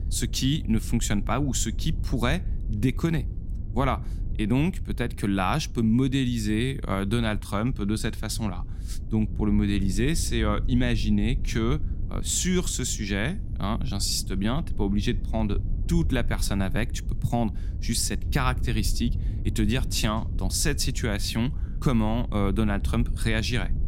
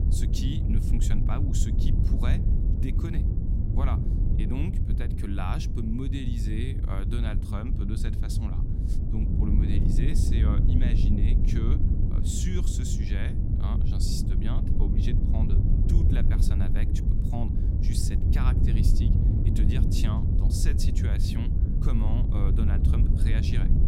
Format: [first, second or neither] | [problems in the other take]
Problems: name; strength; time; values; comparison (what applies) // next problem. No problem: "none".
first | wind noise on the microphone; heavy; as loud as the speech; occasional gusts in the first